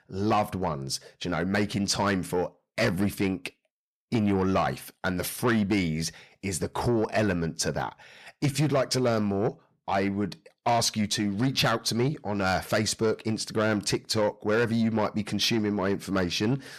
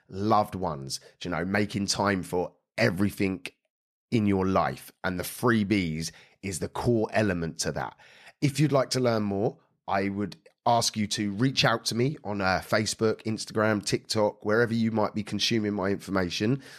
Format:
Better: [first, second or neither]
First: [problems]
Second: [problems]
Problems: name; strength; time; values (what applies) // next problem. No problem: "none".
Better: second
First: distortion; slight; 10 dB below the speech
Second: none